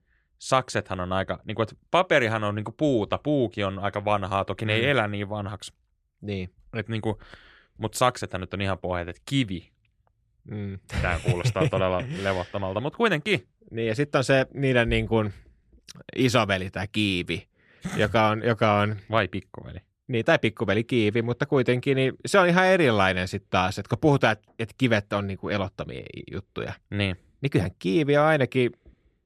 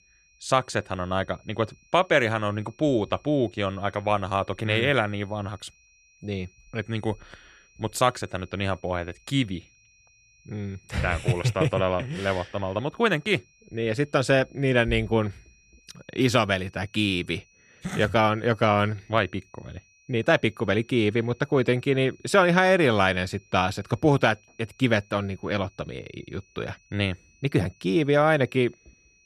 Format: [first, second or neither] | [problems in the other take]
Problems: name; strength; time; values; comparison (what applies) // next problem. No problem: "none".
first | high-pitched whine; faint; throughout; 2.5 kHz, 35 dB below the speech